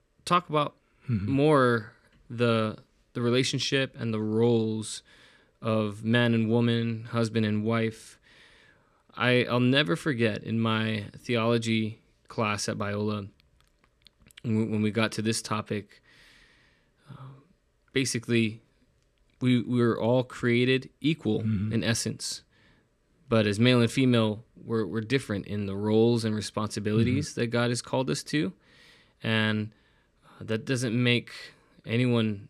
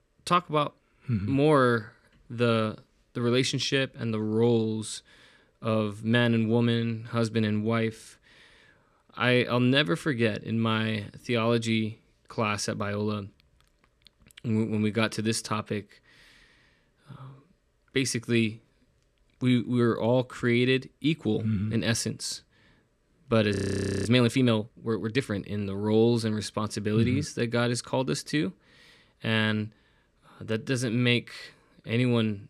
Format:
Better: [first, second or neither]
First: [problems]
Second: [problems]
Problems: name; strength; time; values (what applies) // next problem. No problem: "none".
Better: first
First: none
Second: audio freezing; at 24 s for 0.5 s